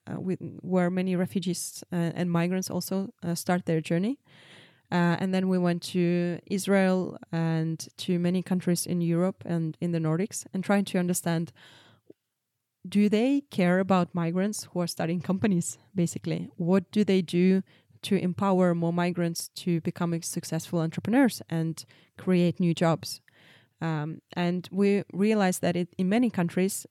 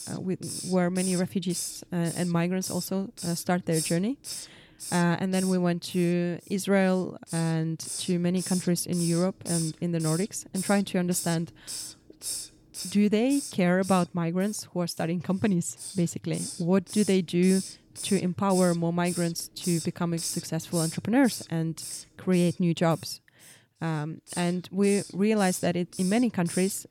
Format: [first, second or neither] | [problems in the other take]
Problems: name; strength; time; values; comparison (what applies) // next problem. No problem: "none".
first | hiss; loud; throughout; 10 dB below the speech